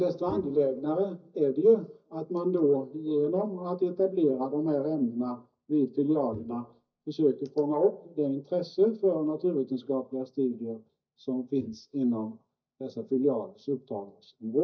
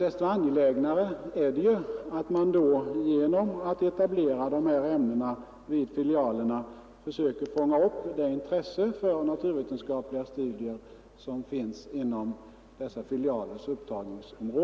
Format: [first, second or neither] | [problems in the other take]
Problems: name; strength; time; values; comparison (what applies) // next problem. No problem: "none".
second | noise reduction (neural mask model DeepFilterNet 3)